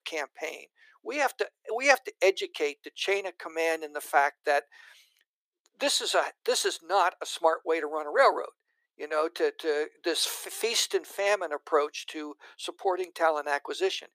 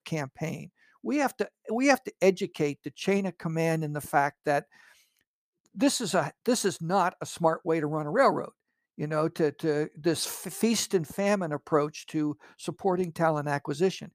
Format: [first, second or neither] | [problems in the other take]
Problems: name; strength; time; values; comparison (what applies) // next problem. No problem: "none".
second | thin; very; fading below 350 Hz